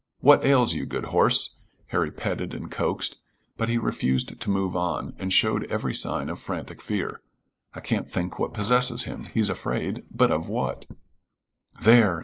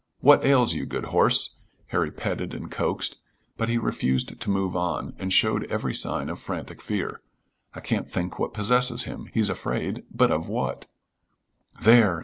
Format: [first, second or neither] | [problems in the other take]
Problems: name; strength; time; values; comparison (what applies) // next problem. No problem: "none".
second | noise reduction (neural mask model Resemble Enhance denoiser)